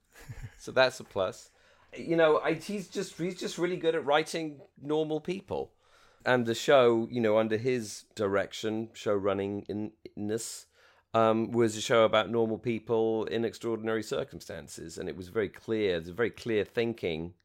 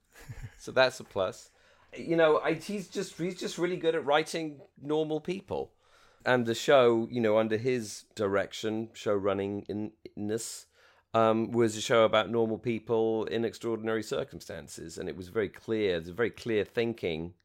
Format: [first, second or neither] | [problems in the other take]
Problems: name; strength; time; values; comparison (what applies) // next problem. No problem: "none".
neither | none